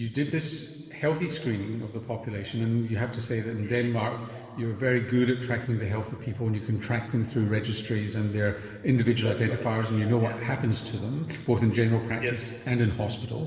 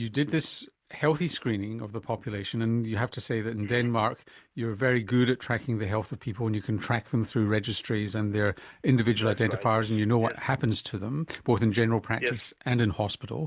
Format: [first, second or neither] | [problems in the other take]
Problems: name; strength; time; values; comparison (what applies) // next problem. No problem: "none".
second | room echo; dies away in 2.1 s